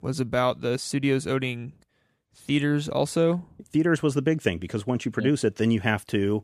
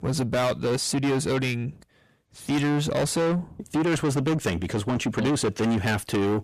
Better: first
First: none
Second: distortion; heavy; 6 dB below the speech

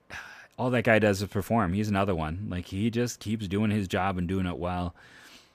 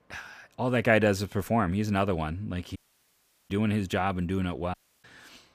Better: first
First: none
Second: audio cutting out; at 3 s for 0.5 s and at 4.5 s

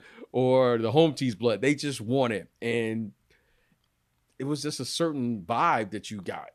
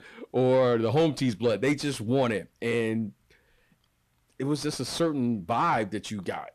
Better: first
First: none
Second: distortion; slight; 10 dB below the speech

